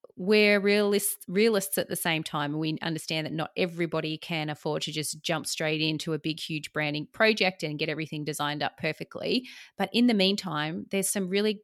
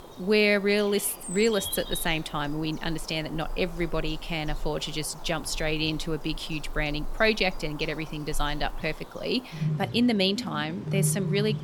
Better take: first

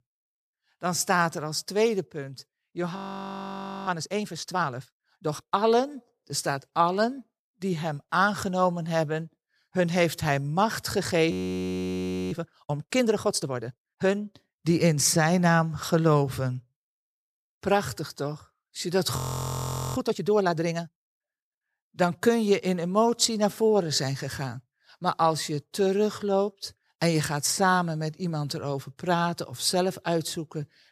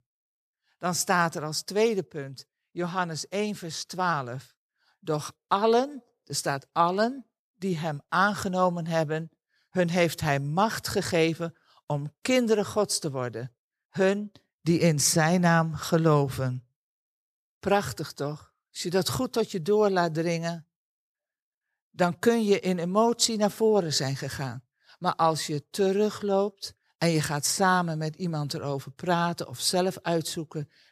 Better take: second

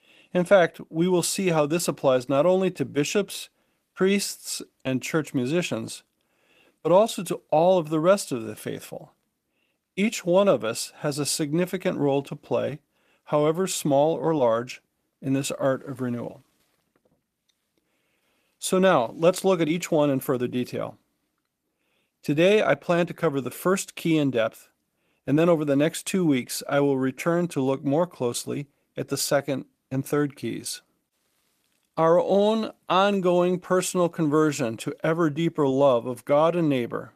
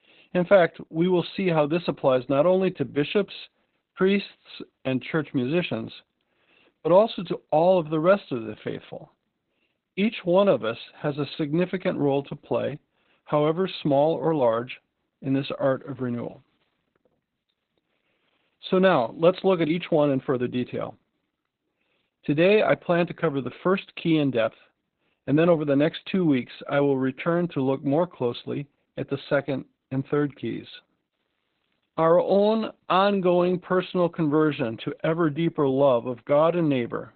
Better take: first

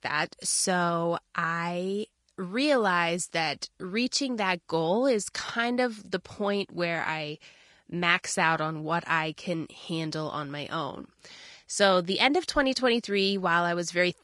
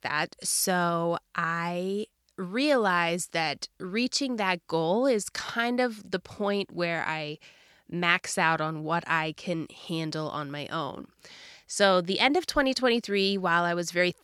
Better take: second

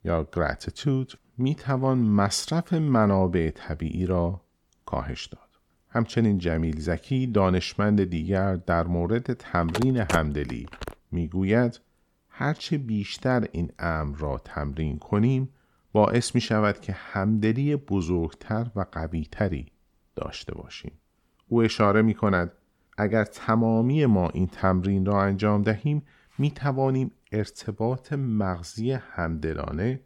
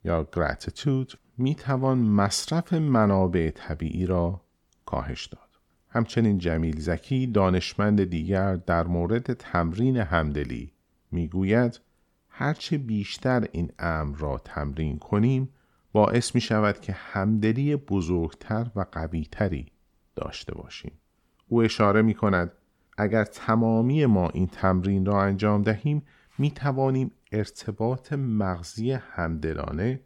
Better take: second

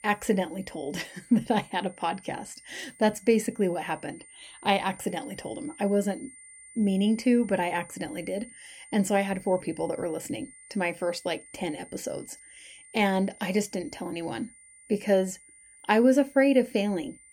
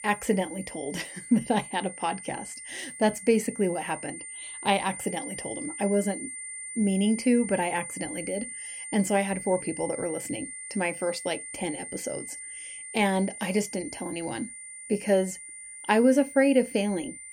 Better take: first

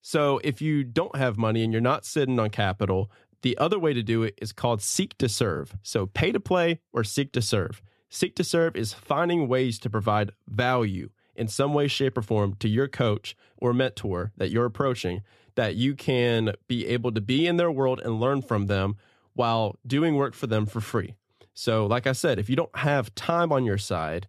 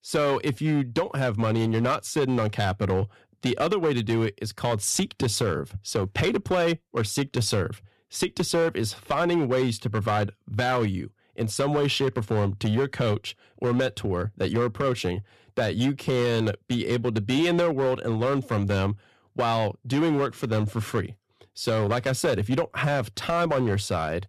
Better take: first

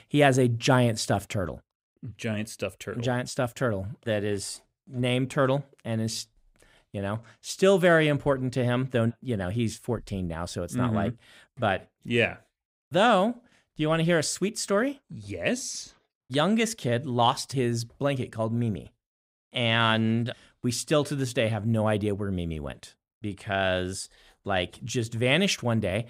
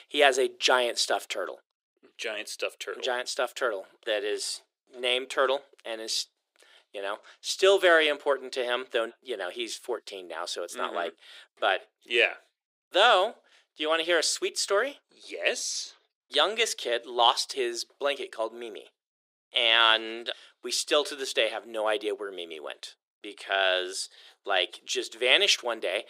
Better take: first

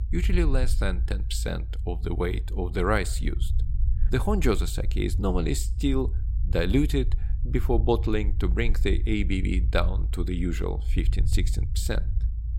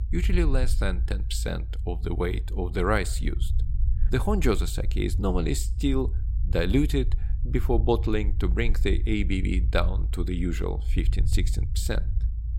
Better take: neither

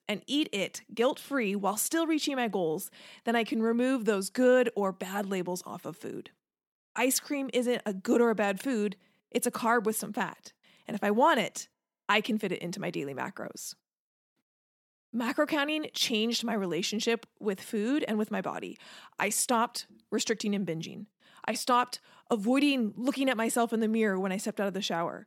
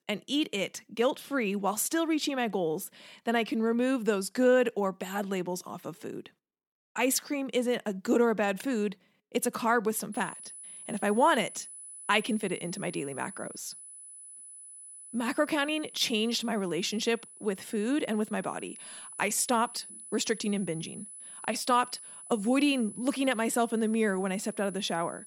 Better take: first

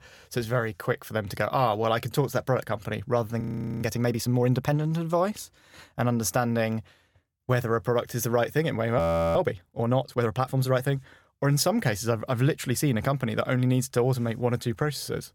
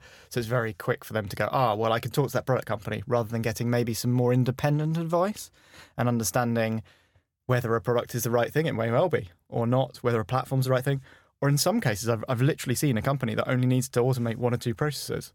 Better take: second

